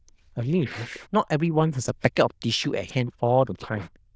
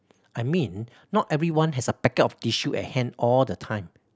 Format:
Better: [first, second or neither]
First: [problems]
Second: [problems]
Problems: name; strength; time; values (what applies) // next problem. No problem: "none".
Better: second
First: noise reduction (neural diffusion model UNIVERSE++)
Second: none